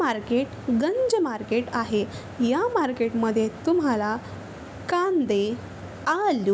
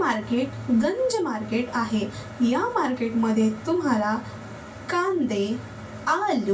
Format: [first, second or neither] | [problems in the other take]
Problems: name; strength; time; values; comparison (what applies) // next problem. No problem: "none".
first | room echo; dies away in 0.2 s